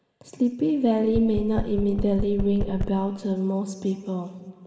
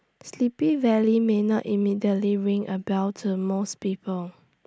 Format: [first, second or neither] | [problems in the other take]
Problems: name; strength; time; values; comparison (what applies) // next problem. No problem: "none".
second | background sound (Knock); 5 dB below the speech // room echo; dies away in 1.6 s